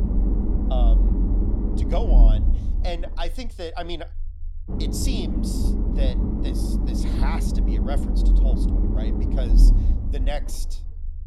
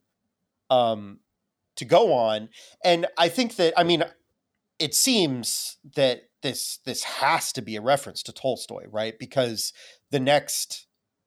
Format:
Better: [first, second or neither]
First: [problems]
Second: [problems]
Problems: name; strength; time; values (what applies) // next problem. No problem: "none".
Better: second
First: low rumble; loud; throughout; 1 dB below the speech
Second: none